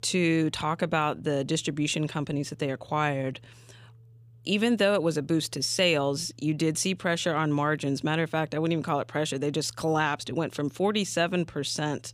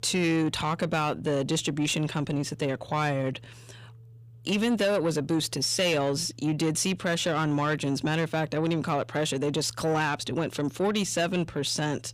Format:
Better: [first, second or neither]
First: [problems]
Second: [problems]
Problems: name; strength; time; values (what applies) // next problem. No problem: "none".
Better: first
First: none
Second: distortion; slight; 10 dB below the speech